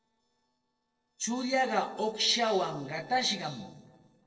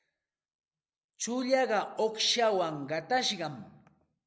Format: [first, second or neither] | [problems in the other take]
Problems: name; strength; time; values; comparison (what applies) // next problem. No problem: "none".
second | noise reduction (neural separator model SepFormer DNS4)